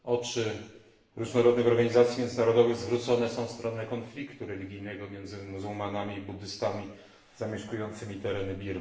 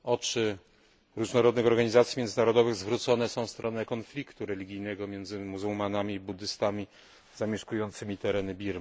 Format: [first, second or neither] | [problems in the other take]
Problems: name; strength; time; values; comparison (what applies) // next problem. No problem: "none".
second | room echo; dies away in 0.8 s